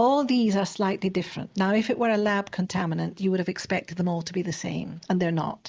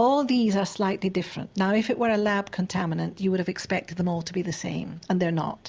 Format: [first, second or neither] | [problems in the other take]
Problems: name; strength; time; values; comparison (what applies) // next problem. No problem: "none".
second | noise reduction (neural mask model Resemble Enhance denoiser)